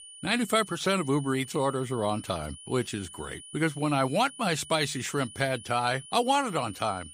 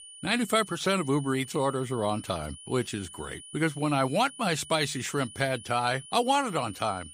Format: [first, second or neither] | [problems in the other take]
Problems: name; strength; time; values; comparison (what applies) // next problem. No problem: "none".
neither | high-pitched whine; noticeable; throughout; 9.5 kHz, 15 dB below the speech; the same in both